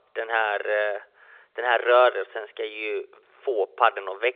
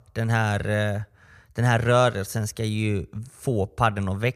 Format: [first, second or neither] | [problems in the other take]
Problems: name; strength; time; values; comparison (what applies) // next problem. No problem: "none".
second | phone-call audio